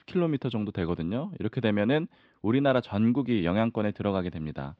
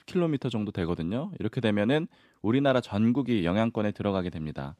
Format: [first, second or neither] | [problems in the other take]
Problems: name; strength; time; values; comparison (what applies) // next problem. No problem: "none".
second | muffled; very slightly; fading above 4 kHz